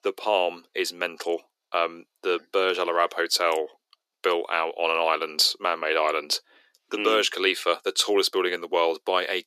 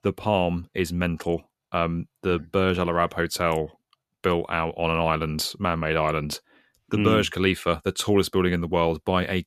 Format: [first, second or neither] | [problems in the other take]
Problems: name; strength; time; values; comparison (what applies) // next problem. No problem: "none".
second | thin; very; fading below 350 Hz